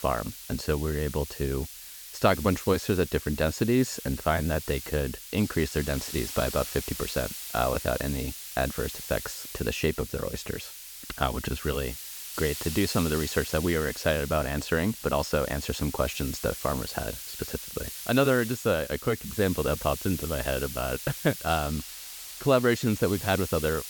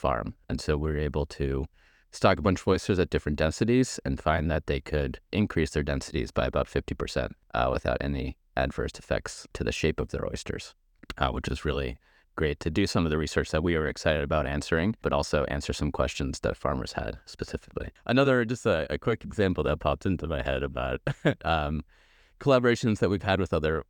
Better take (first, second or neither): second